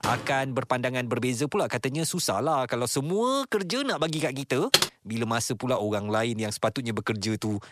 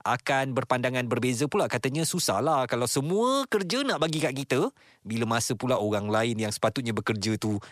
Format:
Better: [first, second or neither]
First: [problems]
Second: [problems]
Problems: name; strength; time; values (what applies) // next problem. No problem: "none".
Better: second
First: door banging; noticeable; at the start; peak 6 dB below the speech // keyboard typing; loud; at 4.5 s; peak 5 dB above the speech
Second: none